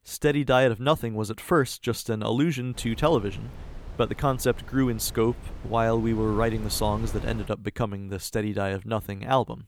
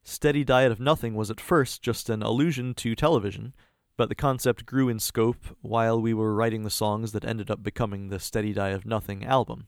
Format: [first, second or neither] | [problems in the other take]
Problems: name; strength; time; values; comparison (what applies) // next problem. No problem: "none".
second | wind noise on the microphone; occasional gusts; from 2.5 to 7.5 s; 20 dB below the speech